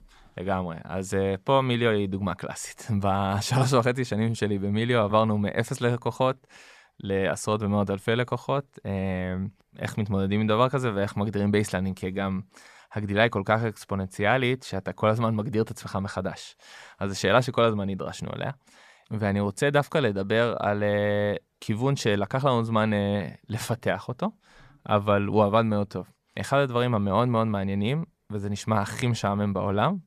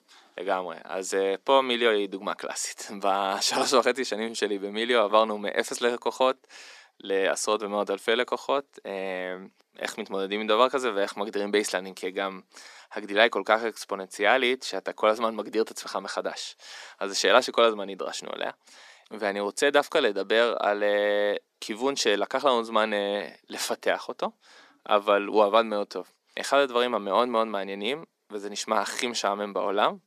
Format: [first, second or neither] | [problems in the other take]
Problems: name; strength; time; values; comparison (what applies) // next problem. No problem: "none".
first | thin; somewhat; fading below 300 Hz